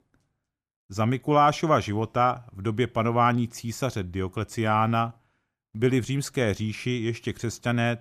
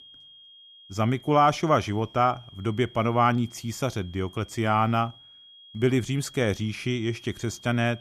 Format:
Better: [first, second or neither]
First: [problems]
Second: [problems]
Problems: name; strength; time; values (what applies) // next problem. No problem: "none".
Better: first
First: none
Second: high-pitched whine; faint; throughout; 3.5 kHz, 20 dB below the speech